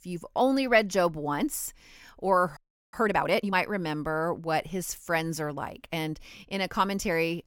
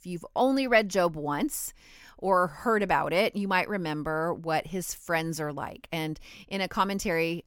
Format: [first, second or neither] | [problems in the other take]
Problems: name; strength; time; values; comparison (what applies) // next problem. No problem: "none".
second | audio freezing; at 2.5 s